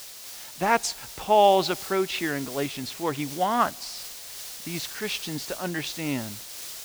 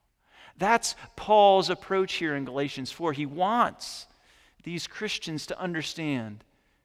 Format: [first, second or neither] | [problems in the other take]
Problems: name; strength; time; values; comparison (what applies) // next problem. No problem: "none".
second | hiss; noticeable; throughout; 10 dB below the speech